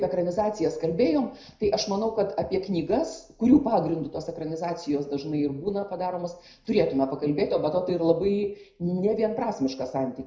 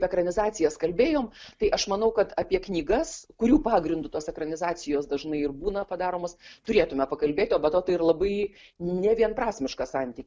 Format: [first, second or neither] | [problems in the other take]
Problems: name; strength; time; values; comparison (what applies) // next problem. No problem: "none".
second | room echo; dies away in 0.5 s